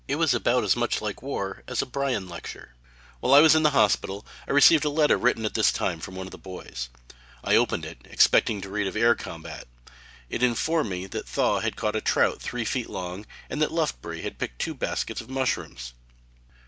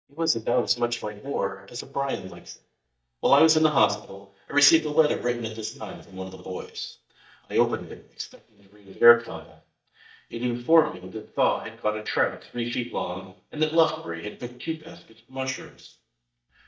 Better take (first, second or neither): first